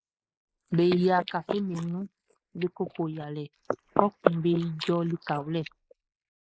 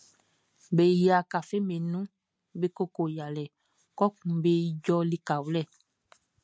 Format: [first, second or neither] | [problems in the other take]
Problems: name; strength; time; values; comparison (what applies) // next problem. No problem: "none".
second | noise reduction (neural mask model Resemble Enhance denoiser)